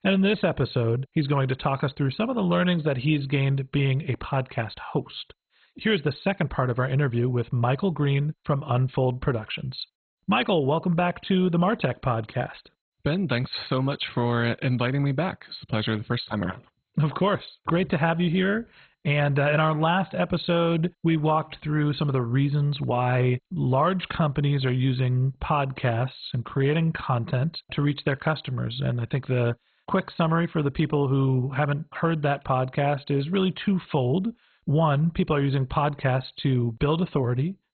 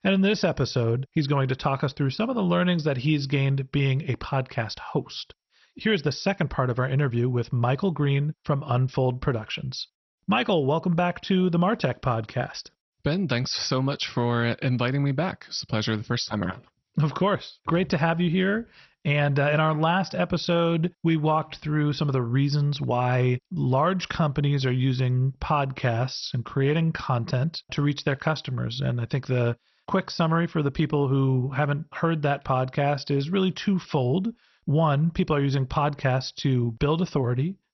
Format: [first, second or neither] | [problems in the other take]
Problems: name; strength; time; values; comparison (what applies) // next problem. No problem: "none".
second | garbled, watery; badly; nothing above 4 kHz; slightly in the second